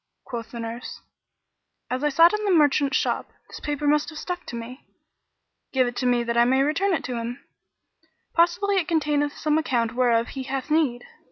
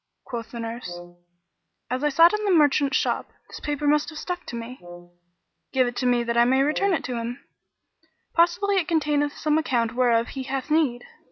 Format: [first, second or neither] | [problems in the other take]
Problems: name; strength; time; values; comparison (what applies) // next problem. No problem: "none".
first | background sound (Brass instrument); 17 dB below the speech